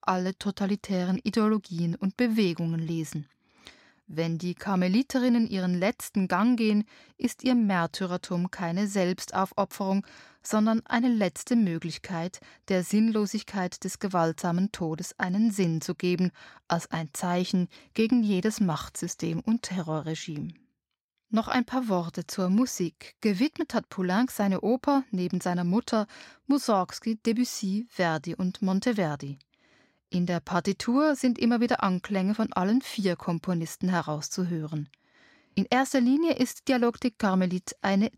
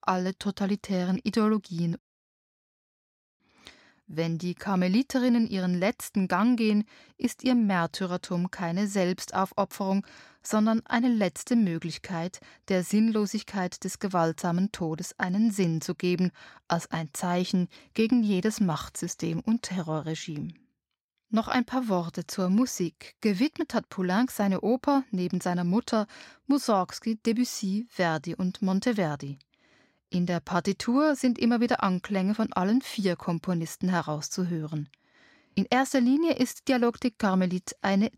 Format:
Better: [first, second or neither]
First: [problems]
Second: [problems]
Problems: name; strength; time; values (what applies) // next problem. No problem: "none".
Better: first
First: none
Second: audio cutting out; at 2 s for 1.5 s